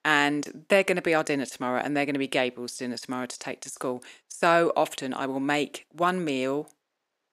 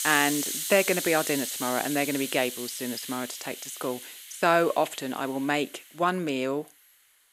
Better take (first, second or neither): first